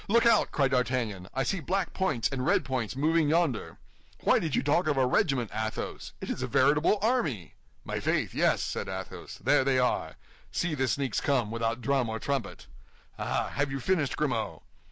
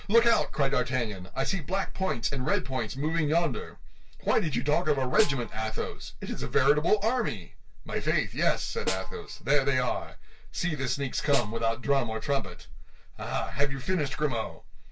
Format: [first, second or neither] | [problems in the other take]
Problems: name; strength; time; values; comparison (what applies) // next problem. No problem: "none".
first | background sound (Snare drum); 15 dB below the speech // room echo; dies away in 0.1 s